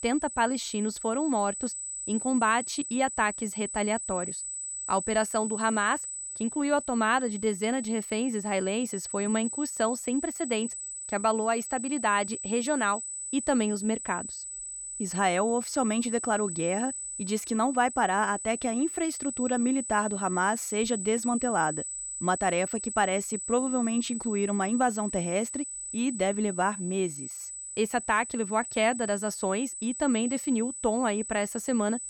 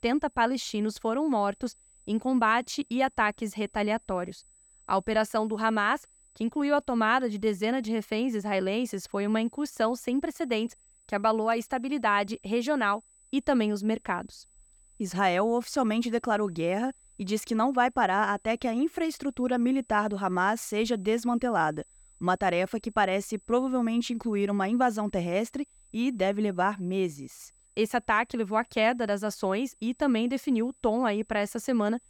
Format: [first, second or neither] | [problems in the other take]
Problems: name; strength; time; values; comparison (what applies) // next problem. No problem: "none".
second | high-pitched whine; loud; throughout; 8 kHz, 6 dB below the speech; faint in the second